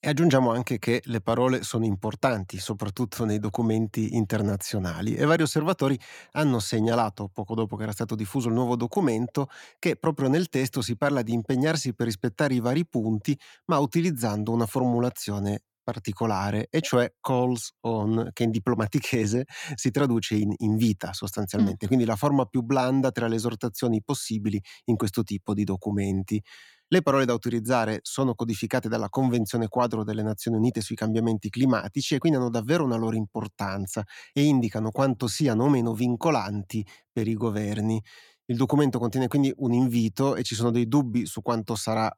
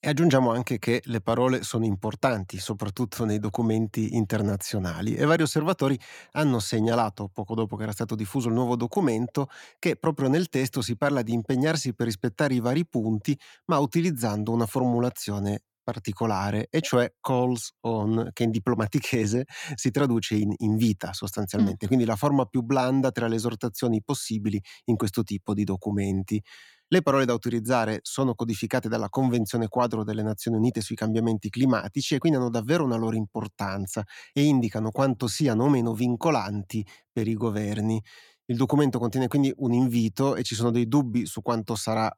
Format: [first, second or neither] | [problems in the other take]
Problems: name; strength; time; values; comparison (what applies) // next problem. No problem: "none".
neither | none